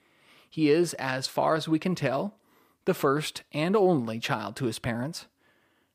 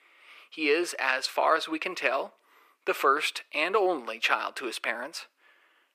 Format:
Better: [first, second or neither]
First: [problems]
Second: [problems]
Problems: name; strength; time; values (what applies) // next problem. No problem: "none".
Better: first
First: none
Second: thin; very; fading below 350 Hz